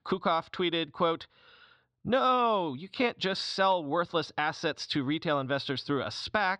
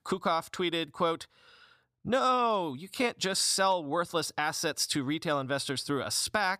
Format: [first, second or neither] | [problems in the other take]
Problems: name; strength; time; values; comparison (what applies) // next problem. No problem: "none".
second | muffled; very slightly; fading above 4 kHz